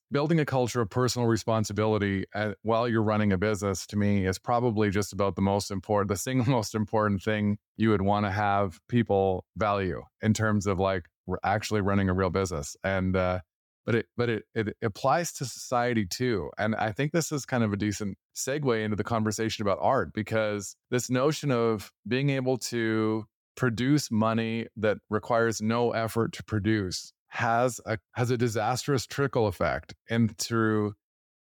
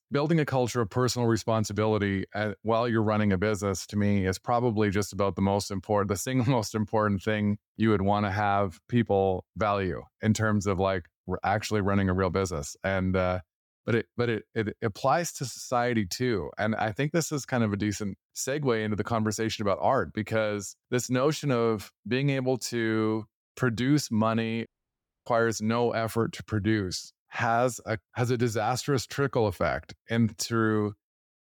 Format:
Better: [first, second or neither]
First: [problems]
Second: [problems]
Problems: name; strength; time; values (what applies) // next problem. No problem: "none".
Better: first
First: none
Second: audio cutting out; at 25 s for 0.5 s